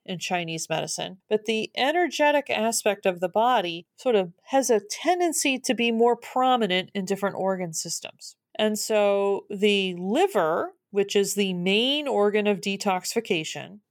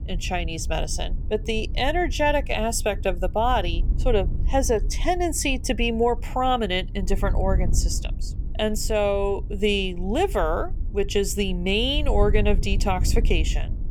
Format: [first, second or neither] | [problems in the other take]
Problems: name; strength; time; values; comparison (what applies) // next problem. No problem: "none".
first | wind noise on the microphone; occasional gusts; 20 dB below the speech